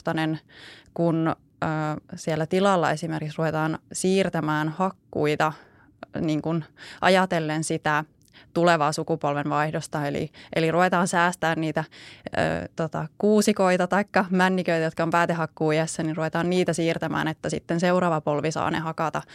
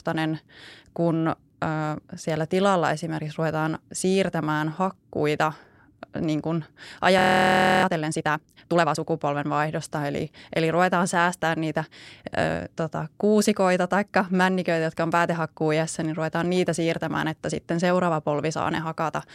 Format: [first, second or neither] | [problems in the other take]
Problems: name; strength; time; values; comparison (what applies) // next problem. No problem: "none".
first | audio freezing; at 7 s for 0.5 s